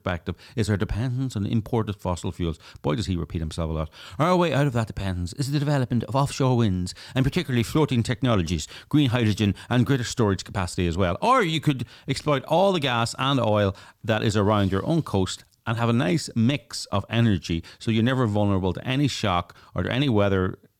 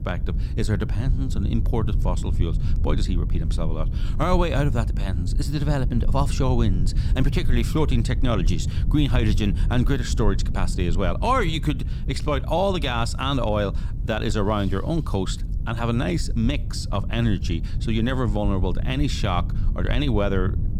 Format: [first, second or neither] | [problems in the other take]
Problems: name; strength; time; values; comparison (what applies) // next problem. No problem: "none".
first | low rumble; noticeable; throughout; 15 dB below the speech